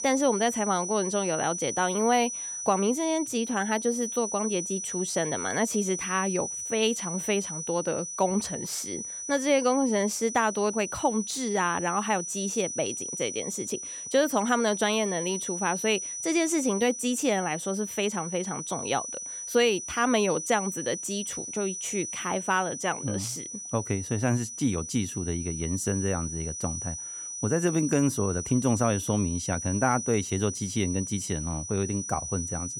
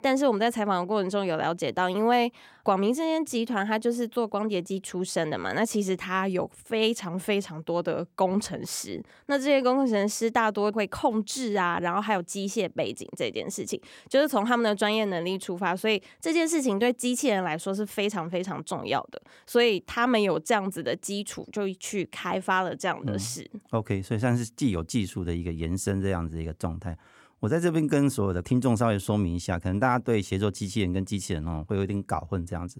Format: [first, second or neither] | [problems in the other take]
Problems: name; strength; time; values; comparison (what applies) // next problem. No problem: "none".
second | high-pitched whine; loud; throughout; 6 kHz, 5 dB below the speech